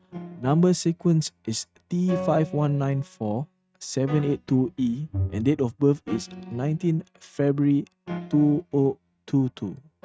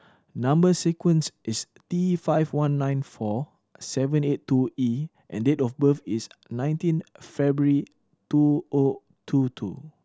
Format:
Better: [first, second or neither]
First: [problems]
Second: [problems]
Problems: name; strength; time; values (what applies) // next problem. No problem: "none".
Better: second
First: noise reduction (neural mask model RNNoise)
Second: none